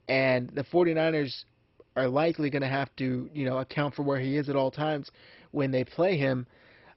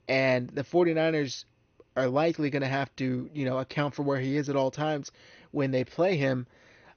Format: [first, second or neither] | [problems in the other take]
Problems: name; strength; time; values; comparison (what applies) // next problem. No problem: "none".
second | garbled, watery; badly; nothing above 5.5 kHz; slightly in the second